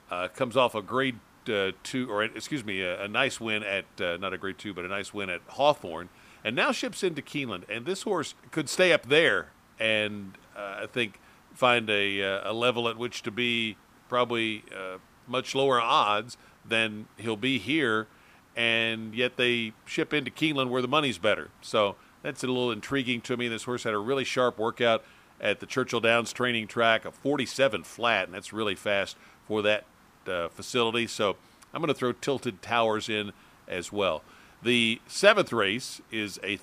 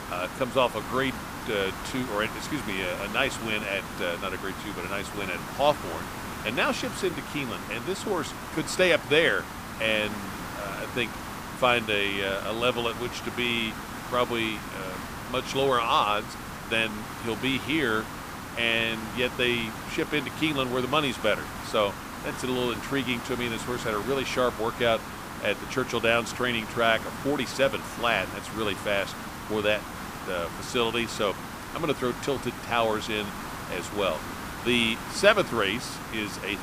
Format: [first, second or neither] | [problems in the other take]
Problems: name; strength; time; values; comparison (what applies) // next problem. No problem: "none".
first | hiss; loud; throughout; 9 dB below the speech; faint in the first